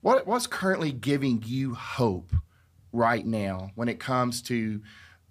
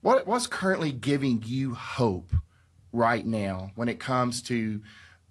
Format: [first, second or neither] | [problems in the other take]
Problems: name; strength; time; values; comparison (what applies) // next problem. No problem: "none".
first | garbled, watery; slightly